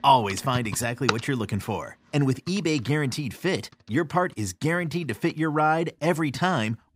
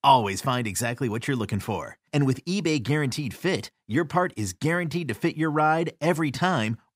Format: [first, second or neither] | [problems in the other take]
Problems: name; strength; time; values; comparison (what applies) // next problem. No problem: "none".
second | household noises; loud; throughout; 7 dB below the speech